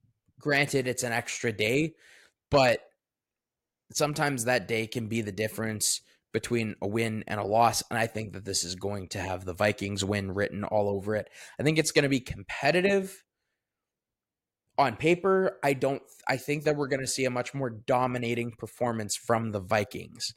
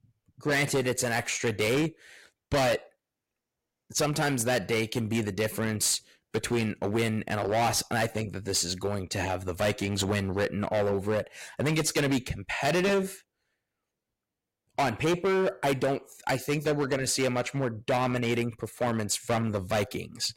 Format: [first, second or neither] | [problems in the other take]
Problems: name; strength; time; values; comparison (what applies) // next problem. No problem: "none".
first | distortion; heavy; 11% of the sound clipped